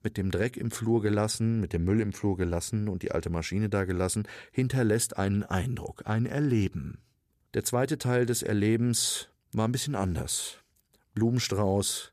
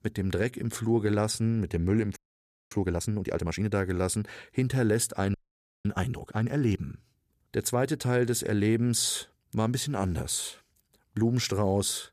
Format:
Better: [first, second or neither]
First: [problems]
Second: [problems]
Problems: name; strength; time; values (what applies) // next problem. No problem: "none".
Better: first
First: none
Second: audio freezing; at 2 s for 0.5 s and at 5.5 s for 0.5 s